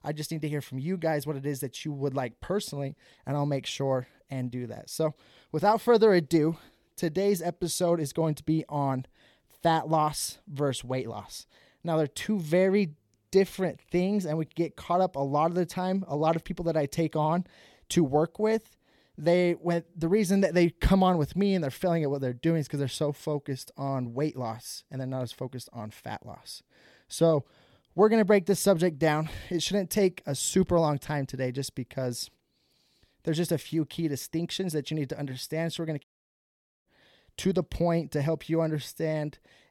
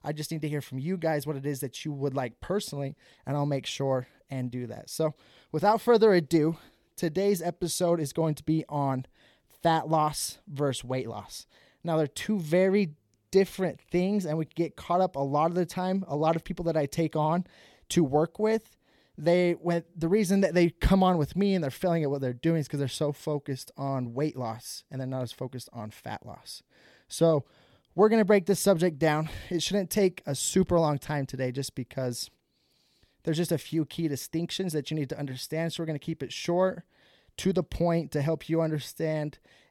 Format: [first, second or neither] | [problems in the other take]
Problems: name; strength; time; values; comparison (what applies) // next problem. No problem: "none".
second | audio cutting out; at 36 s for 1 s